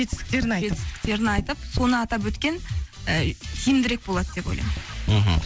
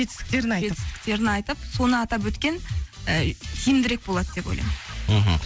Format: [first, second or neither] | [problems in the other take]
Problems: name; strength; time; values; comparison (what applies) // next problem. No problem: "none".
second | background sound (Tap); 11 dB below the speech